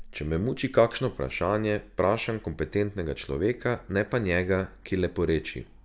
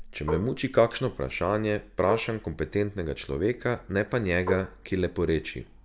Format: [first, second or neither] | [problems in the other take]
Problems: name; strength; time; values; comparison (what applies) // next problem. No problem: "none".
first | background sound (Marimba, xylophone); 10 dB below the speech